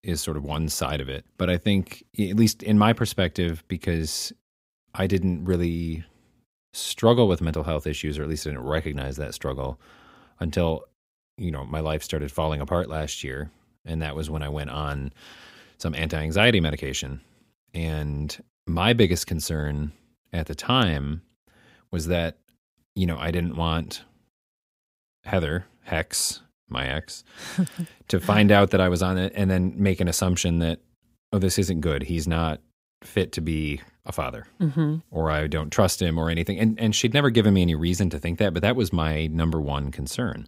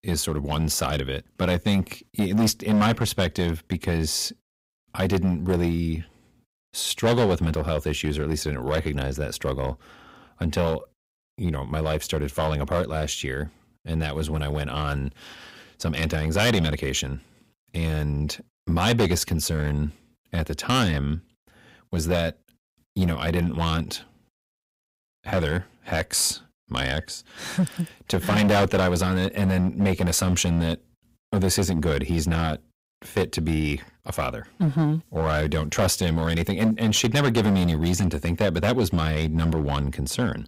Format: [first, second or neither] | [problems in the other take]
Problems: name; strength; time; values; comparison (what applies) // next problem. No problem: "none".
first | distortion; heavy; 6% of the sound clipped